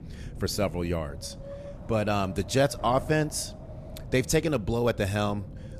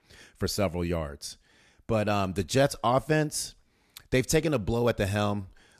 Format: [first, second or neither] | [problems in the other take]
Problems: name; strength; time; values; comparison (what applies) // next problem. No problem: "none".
second | wind noise on the microphone; occasional gusts; 20 dB below the speech